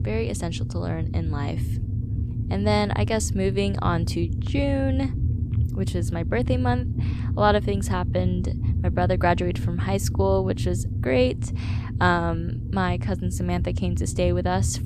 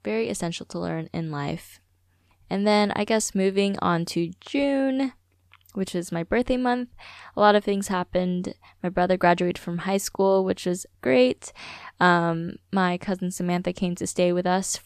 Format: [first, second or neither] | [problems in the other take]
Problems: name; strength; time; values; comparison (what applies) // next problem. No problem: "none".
second | low rumble; noticeable; throughout; 15 dB below the speech